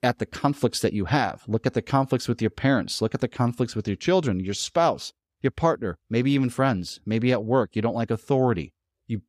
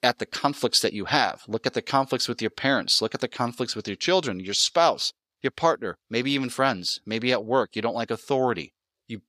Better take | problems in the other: first | thin; very slightly; fading below 1 kHz

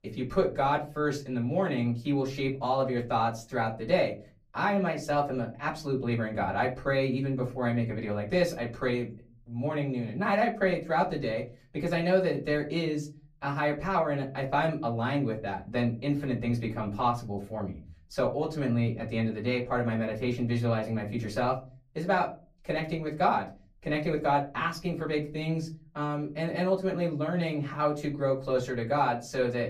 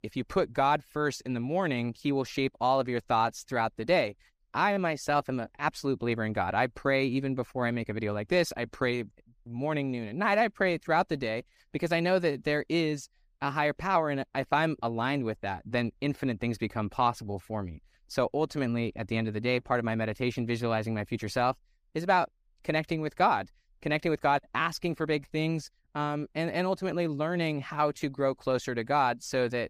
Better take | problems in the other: second | off-mic speech; far // room echo; very slight; dies away in 0.4 s

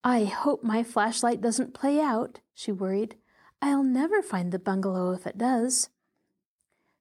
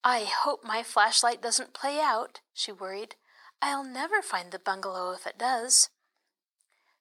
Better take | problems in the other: first | thin; very; fading below 950 Hz

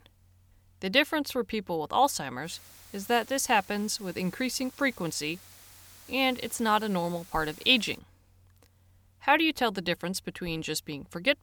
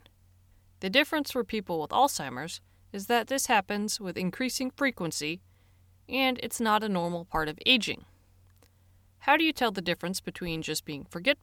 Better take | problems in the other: second | hiss; faint; from 2.5 to 8 s; 20 dB below the speech

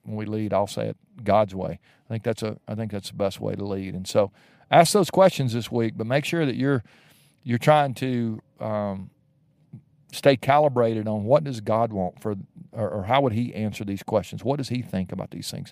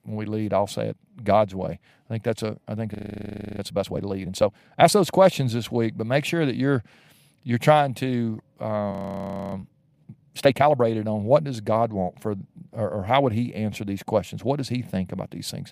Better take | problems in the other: first | audio freezing; at 3 s for 0.5 s and at 9 s for 0.5 s

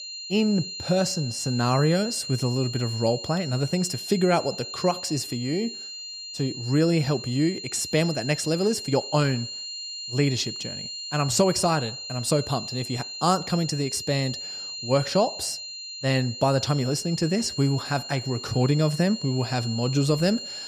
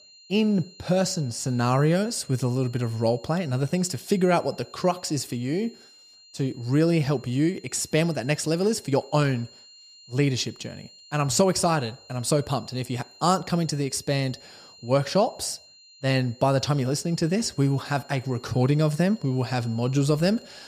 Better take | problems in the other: second | high-pitched whine; loud; throughout; 4 kHz, 8 dB below the speech; faint in the second

